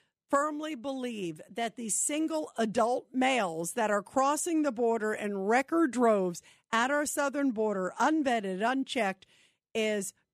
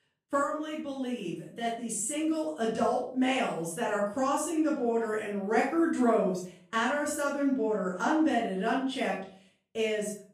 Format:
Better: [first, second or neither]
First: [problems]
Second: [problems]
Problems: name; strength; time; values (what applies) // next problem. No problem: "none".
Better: first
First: none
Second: off-mic speech; far // room echo; noticeable; dies away in 0.4 s